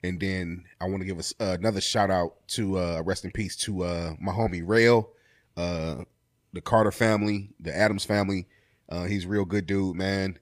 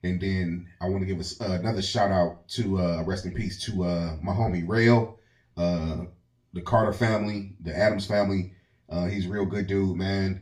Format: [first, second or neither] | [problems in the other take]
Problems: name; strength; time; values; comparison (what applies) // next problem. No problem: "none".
first | room echo; very slight; dies away in 0.3 s // off-mic speech; far